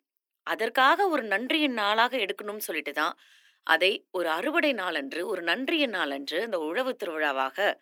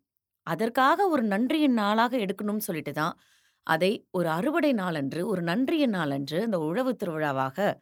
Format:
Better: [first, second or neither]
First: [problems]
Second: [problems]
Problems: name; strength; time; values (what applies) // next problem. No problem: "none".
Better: second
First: thin; somewhat; fading below 300 Hz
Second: none